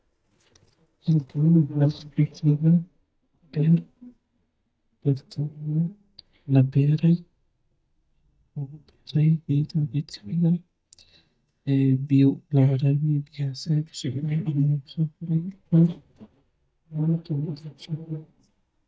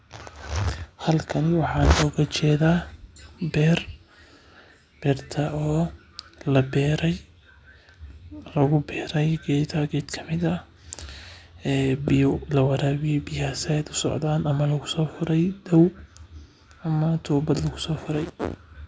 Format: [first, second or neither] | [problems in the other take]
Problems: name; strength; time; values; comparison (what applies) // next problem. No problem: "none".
second | noise reduction (neural mask model DeepFilterNet 3)